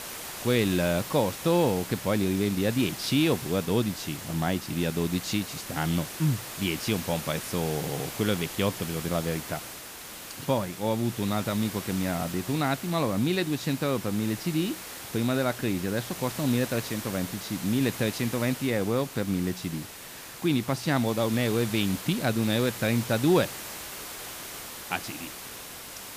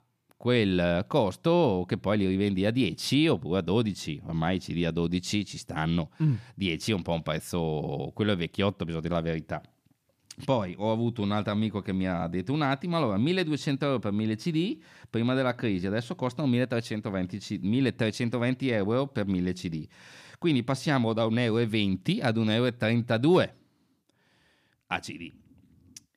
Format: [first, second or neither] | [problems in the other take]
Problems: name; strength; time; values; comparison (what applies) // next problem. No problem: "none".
second | hiss; loud; throughout; 9 dB below the speech